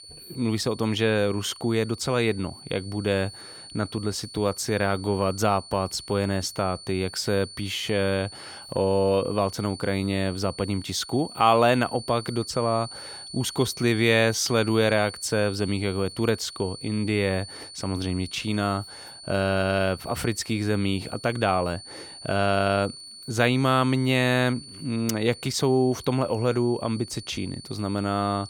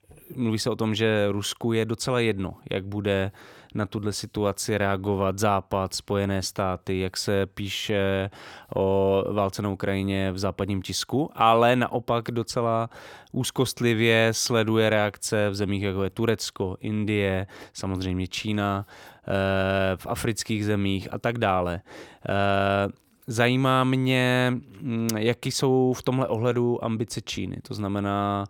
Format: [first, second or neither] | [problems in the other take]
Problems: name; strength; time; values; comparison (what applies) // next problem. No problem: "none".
second | high-pitched whine; noticeable; throughout; 4.5 kHz, 15 dB below the speech